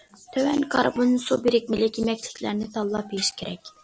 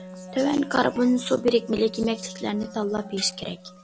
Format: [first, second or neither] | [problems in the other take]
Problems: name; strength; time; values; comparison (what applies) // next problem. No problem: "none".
first | background sound (Wind instrument, woodwind instrument); 16 dB below the speech